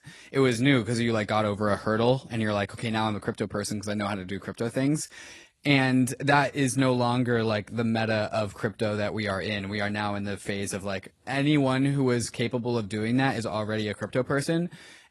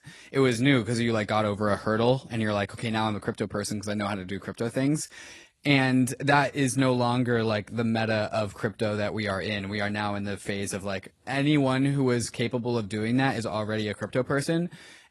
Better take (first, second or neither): neither